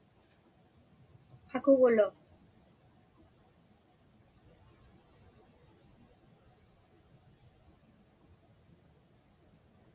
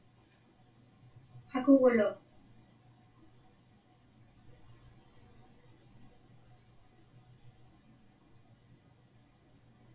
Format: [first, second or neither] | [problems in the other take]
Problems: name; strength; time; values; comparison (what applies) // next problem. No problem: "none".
first | room echo; dies away in 0.2 s